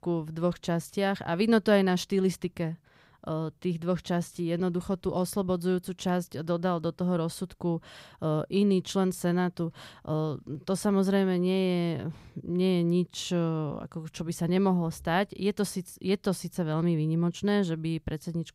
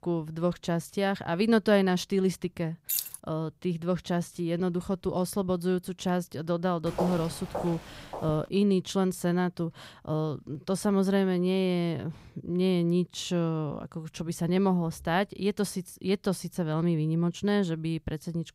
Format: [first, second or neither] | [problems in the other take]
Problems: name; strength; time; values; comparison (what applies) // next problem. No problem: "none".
first | jangling keys; noticeable; at 3 s; peak 1 dB below the speech // footsteps; noticeable; from 7 to 8.5 s; peak 4 dB below the speech